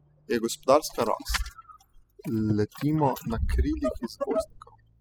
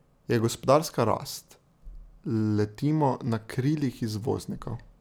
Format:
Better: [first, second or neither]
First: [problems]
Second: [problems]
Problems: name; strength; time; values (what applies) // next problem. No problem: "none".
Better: second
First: noise reduction (classical method spectral subtraction)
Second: none